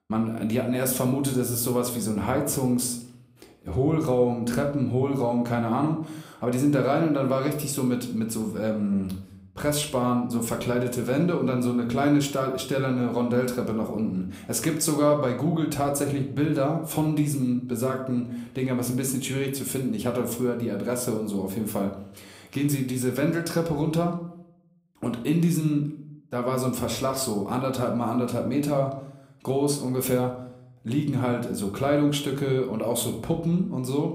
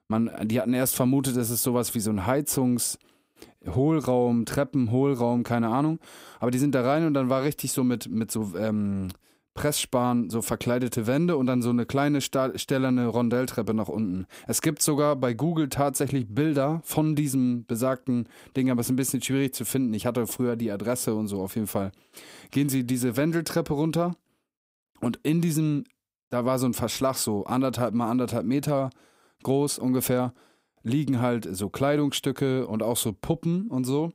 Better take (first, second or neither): second